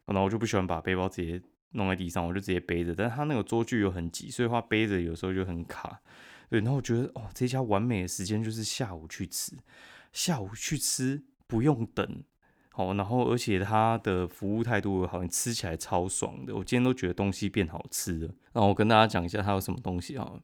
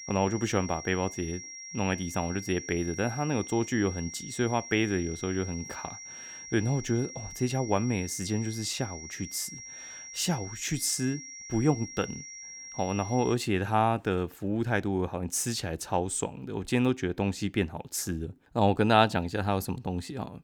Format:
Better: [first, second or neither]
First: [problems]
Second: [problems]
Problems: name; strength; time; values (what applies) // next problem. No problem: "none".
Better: first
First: none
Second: high-pitched whine; noticeable; until 13 s; 5.5 kHz, 10 dB below the speech